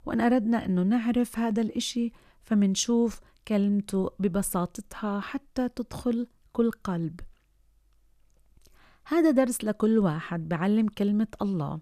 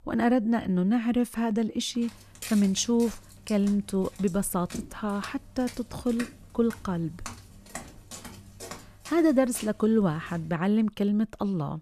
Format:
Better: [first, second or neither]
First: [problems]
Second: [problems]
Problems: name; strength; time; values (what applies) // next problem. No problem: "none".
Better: first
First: none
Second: footsteps; faint; from 2 to 11 s; peak 10 dB below the speech